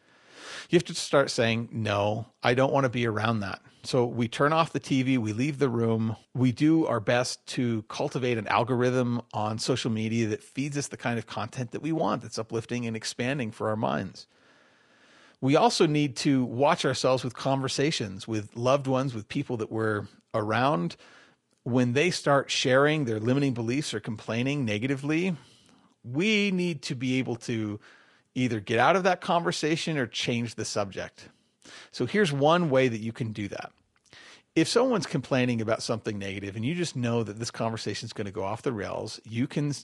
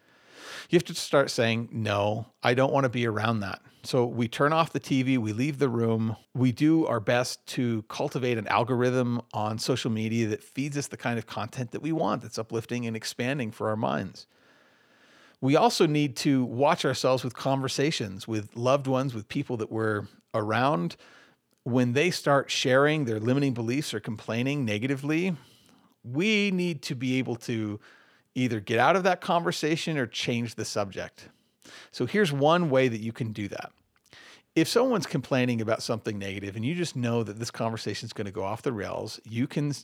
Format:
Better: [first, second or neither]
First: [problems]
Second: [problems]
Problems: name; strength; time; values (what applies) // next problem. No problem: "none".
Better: second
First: garbled, watery; slightly; nothing above 10.5 kHz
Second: none